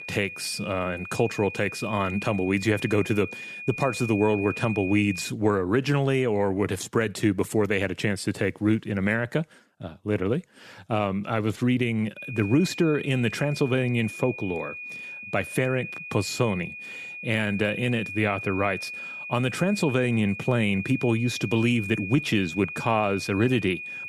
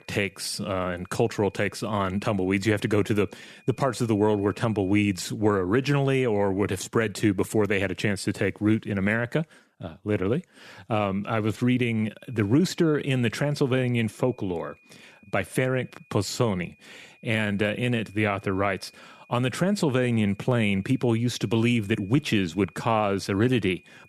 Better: second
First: high-pitched whine; loud; until 5.5 s and from 12 s on; 2.5 kHz, 9 dB below the speech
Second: high-pitched whine; faint; until 5.5 s and from 12 s on; 2.5 kHz, 30 dB below the speech

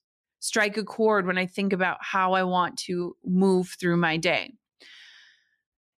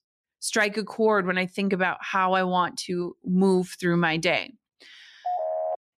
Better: first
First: none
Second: phone ringing; noticeable; at 5.5 s; peak 4 dB below the speech

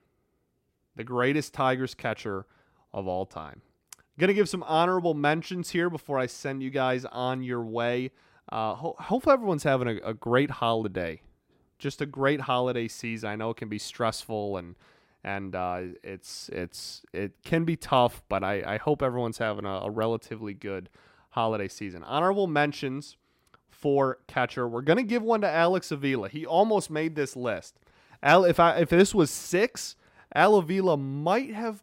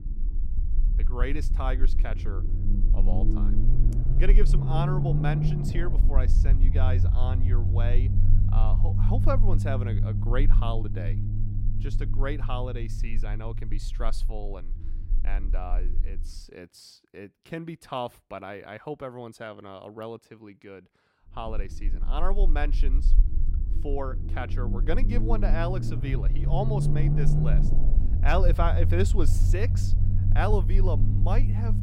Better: first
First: none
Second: low rumble; loud; until 16 s and from 21 s on; 6 dB below the speech

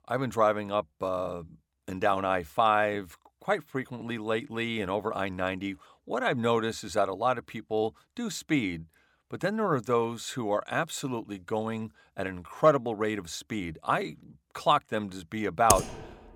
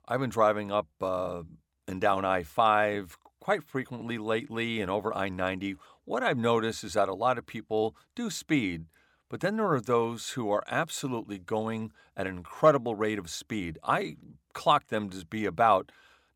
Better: second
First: keyboard typing; loud; at 16 s; peak 2 dB above the speech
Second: none

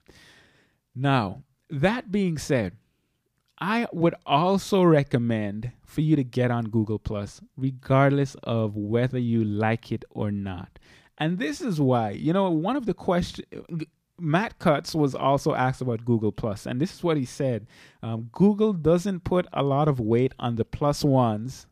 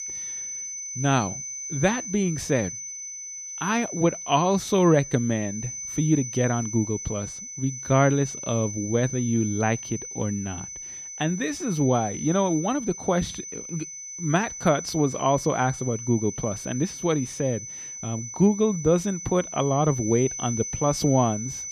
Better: first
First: none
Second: high-pitched whine; loud; throughout; 6 kHz, 8 dB below the speech

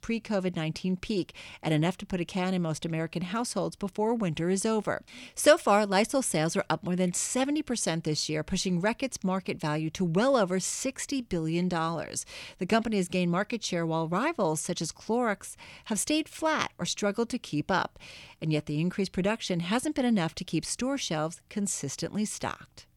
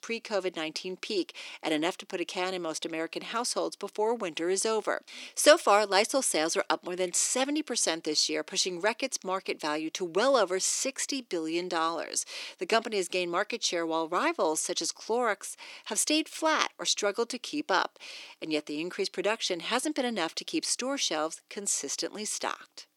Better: first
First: none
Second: thin; somewhat; fading below 300 Hz

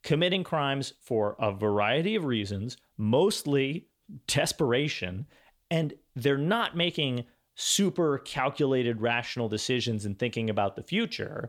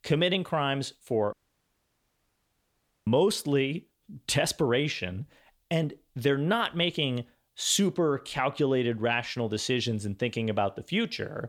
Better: first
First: none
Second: audio cutting out; at 1.5 s for 1.5 s

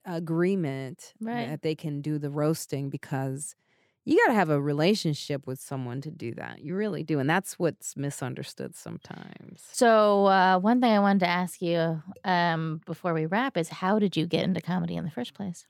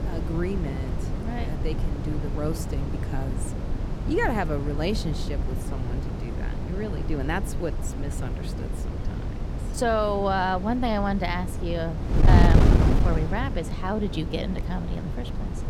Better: first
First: none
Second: wind noise on the microphone; heavy; 6 dB below the speech

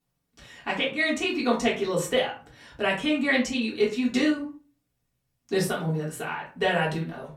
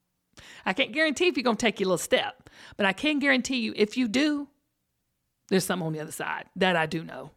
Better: second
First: off-mic speech; far // room echo; slight; dies away in 0.3 s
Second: none

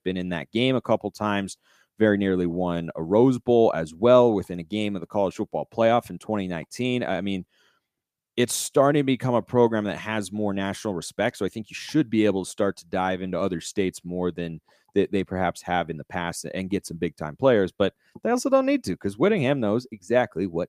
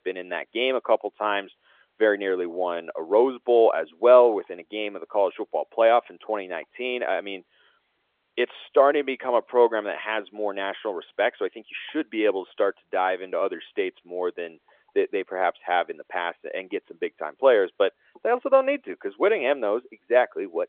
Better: first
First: none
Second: phone-call audio; nothing above 3.5 kHz

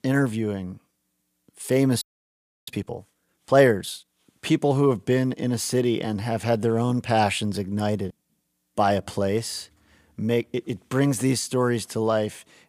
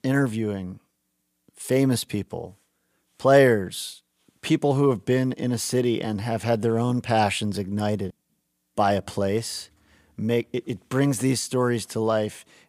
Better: second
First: audio freezing; at 2 s for 0.5 s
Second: none

